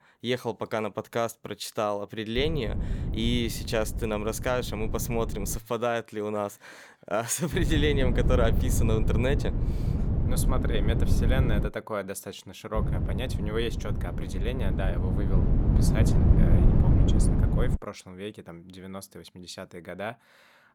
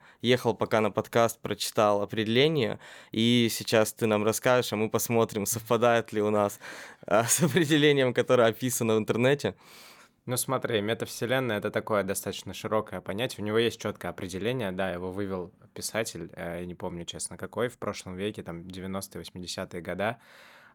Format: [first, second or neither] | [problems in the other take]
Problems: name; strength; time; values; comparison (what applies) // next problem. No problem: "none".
second | wind noise on the microphone; heavy; from 2.5 to 5.5 s, from 7.5 to 12 s and from 13 to 18 s; 6 dB below the speech